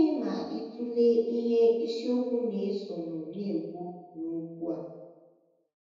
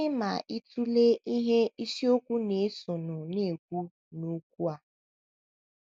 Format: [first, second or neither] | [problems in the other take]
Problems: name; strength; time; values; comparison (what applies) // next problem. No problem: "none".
second | room echo; dies away in 1.1 s